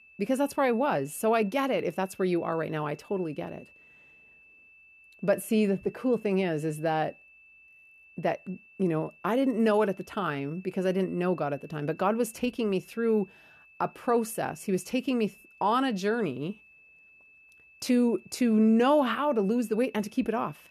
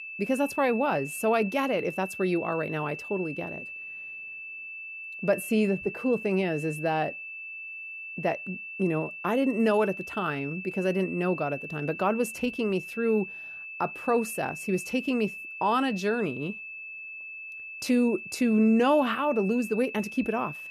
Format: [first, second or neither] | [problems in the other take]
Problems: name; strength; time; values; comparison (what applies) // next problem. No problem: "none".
first | high-pitched whine; loud; throughout; 2.5 kHz, 10 dB below the speech; faint in the first